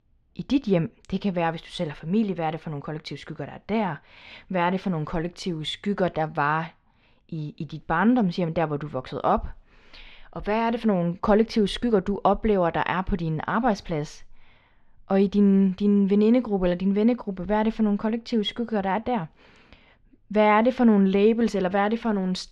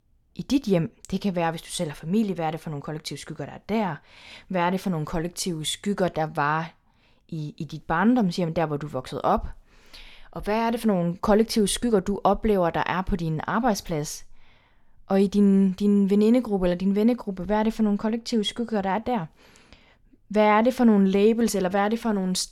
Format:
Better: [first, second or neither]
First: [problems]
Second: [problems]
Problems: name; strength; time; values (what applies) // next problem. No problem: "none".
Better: second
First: muffled; very slightly; fading above 3 kHz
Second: none